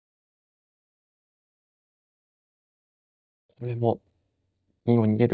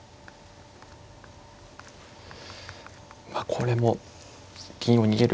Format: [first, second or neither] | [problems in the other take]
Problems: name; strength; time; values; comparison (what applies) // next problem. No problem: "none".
second | noise reduction (neural mask model DeepFilterNet 3)